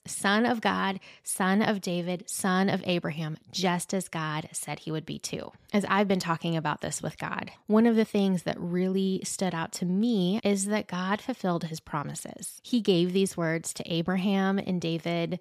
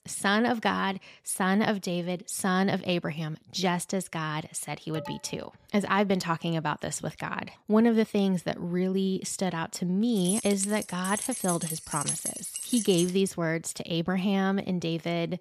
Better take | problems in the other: first | alarm; faint; at 5 s; peak 15 dB below the speech // jangling keys; noticeable; from 10 to 13 s; peak 1 dB below the speech

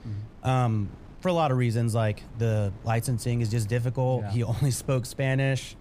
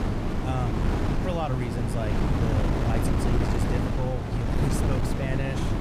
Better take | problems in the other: first | wind noise on the microphone; heavy; 3 dB above the speech; occasional gusts in the first

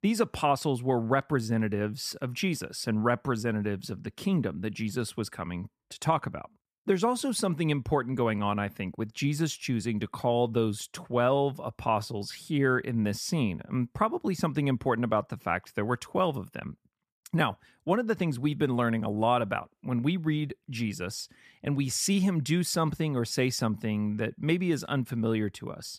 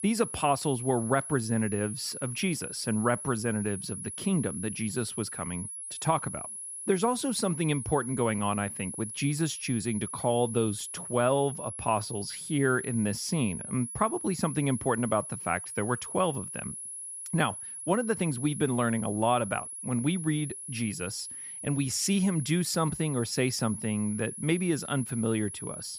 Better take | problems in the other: first | high-pitched whine; loud; throughout; 10.5 kHz, 7 dB below the speech

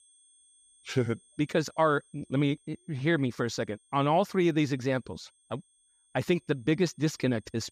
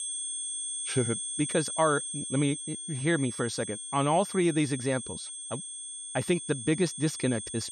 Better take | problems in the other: first | high-pitched whine; loud; throughout; 8.5 kHz, 5 dB below the speech; faint in the first

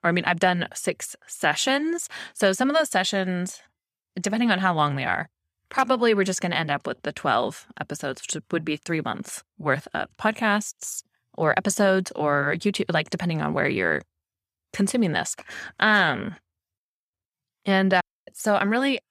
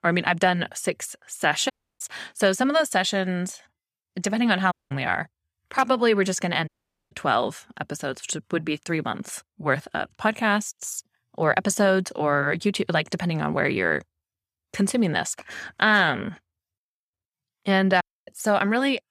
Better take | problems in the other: first | audio cutting out; at 1.5 s, at 4.5 s and at 6.5 s

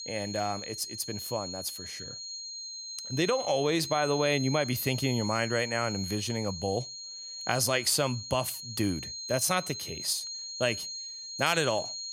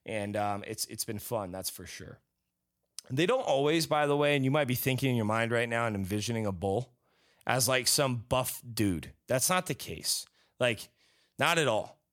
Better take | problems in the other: second | high-pitched whine; loud; throughout; 4 kHz, 7 dB below the speech

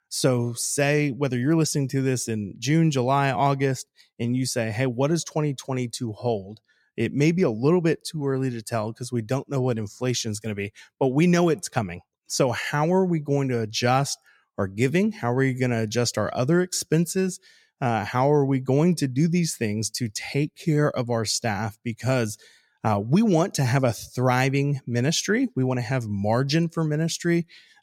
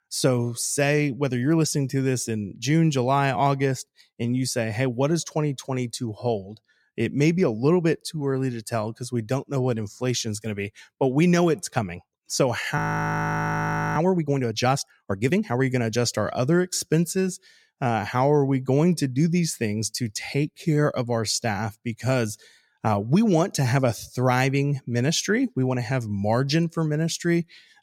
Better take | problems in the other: first | audio freezing; at 13 s for 1 s

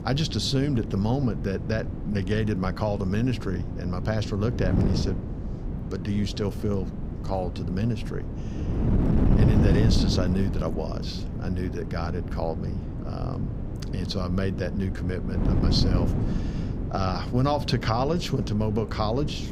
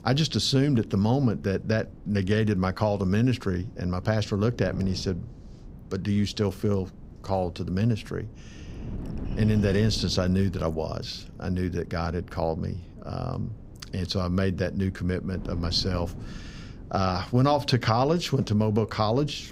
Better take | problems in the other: second | wind noise on the microphone; heavy; 6 dB below the speech; occasional gusts in the second

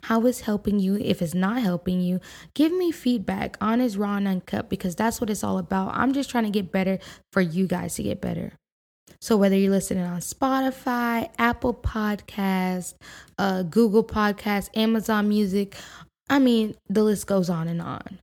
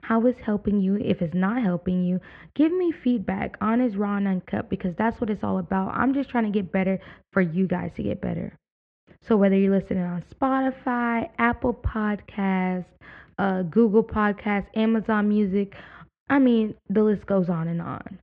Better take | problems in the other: first | muffled; very; fading above 2.5 kHz

